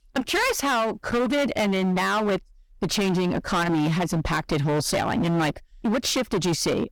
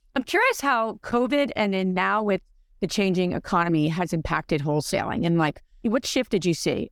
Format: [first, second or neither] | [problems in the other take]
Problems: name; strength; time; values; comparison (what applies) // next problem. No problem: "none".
second | distortion; heavy; 24% of the sound clipped